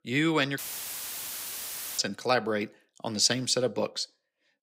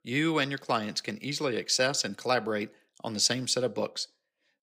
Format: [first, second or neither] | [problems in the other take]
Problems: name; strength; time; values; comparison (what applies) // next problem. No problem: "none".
second | audio cutting out; filled with static; at 0.5 s for 1.5 s